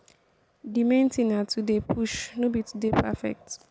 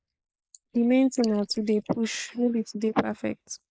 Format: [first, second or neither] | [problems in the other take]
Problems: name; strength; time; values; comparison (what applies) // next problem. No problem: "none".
first | noise reduction (neural mask model Resemble Enhance denoiser)